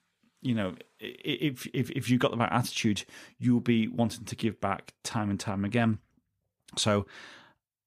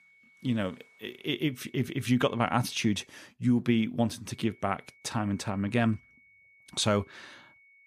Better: first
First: none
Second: high-pitched whine; faint; until 3 s and from 4.5 s on; 2 kHz, 30 dB below the speech

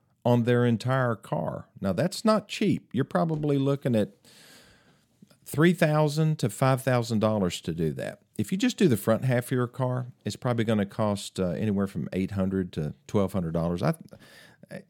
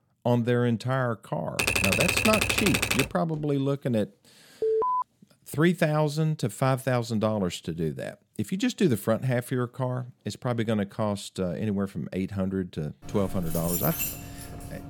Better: first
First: none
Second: keyboard typing; loud; from 1.5 to 3 s; peak 5 dB above the speech // alarm; loud; at 4.5 s; peak 3 dB above the speech // jangling keys; loud; from 13 s on; peak 1 dB above the speech

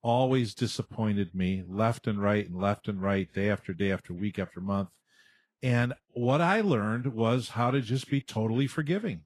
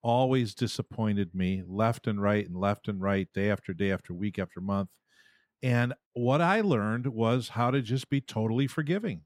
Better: second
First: garbled, watery; slightly; nothing above 12.5 kHz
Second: none

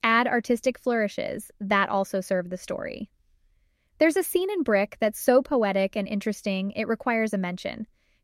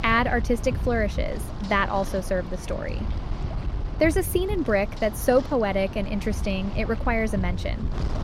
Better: first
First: none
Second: wind noise on the microphone; occasional gusts; 15 dB below the speech

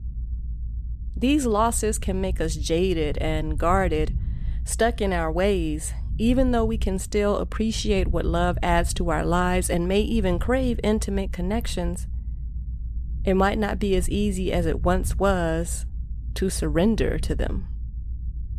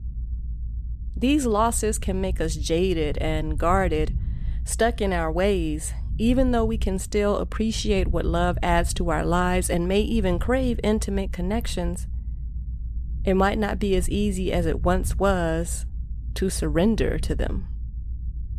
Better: neither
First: low rumble; faint; throughout; 25 dB below the speech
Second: low rumble; faint; throughout; 25 dB below the speech

